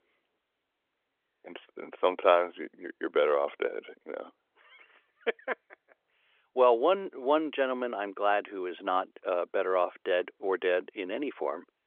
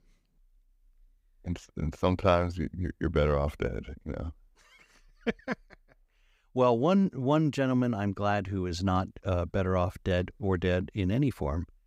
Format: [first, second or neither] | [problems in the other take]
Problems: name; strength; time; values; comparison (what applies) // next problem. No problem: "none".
second | phone-call audio; nothing above 3.5 kHz